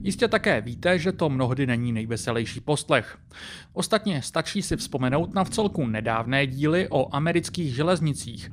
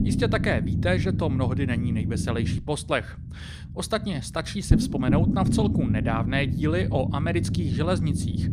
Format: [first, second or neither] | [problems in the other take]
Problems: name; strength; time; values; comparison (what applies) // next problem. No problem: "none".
first | low rumble; loud; throughout; 6 dB below the speech; faint in the first